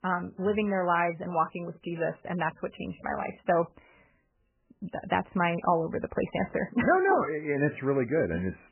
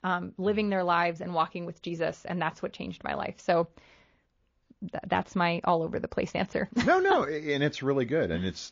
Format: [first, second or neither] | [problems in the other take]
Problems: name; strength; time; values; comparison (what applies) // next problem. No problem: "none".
second | garbled, watery; badly; nothing above 3 kHz; slightly in the second